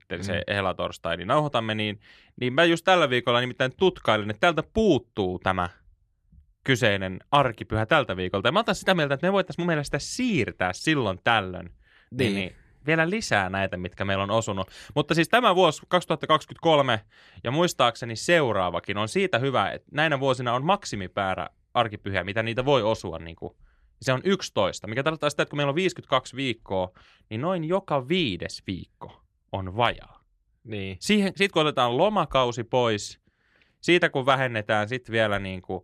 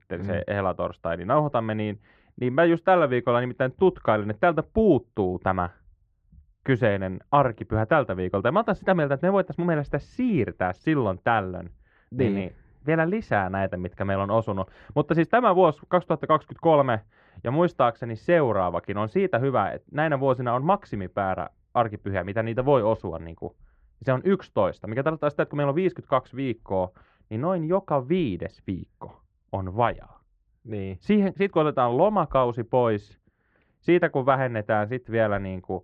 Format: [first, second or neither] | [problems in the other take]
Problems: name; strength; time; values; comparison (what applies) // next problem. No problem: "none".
first | muffled; very; fading above 4 kHz